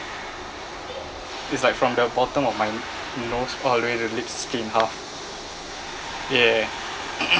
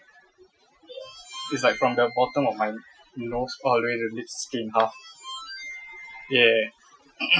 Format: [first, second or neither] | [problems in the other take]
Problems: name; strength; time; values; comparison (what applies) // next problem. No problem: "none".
first | noise reduction (classical method Wiener filter)